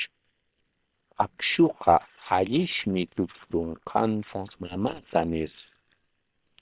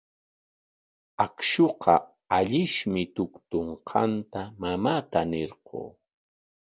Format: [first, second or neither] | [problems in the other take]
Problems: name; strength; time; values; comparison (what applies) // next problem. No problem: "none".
second | noise reduction (neural separator model SepFormer WHAM!)